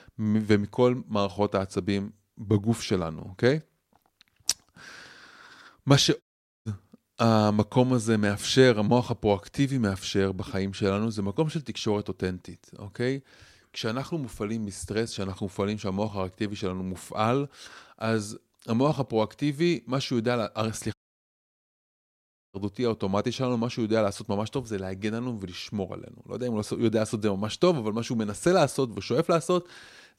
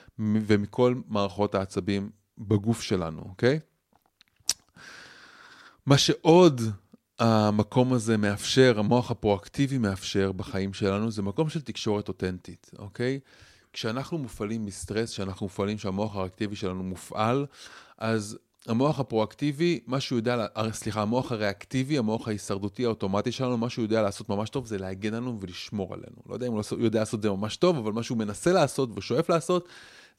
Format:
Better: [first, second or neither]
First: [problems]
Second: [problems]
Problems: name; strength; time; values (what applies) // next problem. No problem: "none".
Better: second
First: audio cutting out; at 6 s and at 21 s for 1.5 s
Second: none